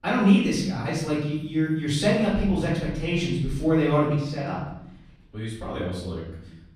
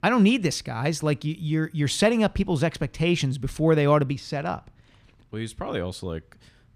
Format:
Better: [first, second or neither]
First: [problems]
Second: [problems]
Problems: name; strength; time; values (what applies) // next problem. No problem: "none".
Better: second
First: off-mic speech; far // room echo; noticeable; dies away in 0.8 s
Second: none